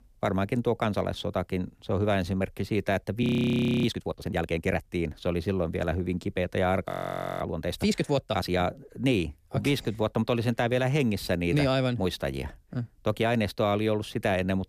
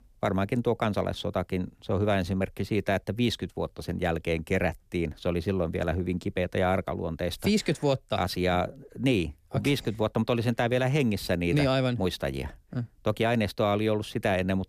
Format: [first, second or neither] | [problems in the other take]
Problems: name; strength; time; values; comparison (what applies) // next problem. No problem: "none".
second | audio freezing; at 3 s for 0.5 s and at 7 s for 0.5 s